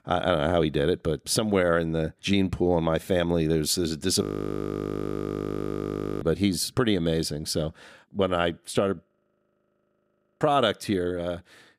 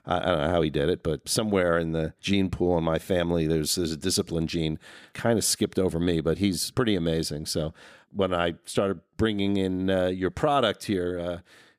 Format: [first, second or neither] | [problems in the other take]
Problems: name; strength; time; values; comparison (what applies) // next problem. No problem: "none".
second | audio freezing; at 4 s for 2 s and at 9 s for 1.5 s